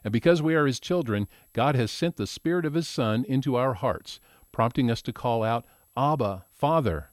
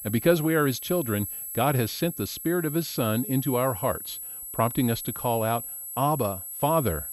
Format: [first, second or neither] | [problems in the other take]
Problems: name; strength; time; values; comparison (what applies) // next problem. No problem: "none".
first | high-pitched whine; loud; throughout; 11.5 kHz, 8 dB below the speech; faint in the first